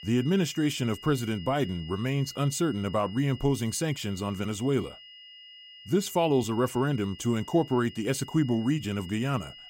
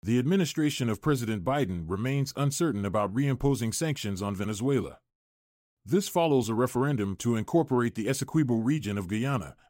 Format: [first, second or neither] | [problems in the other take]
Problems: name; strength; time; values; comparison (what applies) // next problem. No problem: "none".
second | high-pitched whine; noticeable; throughout; 3 kHz, 15 dB below the speech